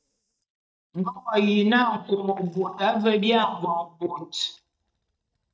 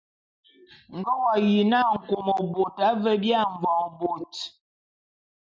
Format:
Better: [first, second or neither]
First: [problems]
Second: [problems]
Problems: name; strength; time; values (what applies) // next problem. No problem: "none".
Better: second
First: noise reduction (neural mask model DeepFilterNet 3)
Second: none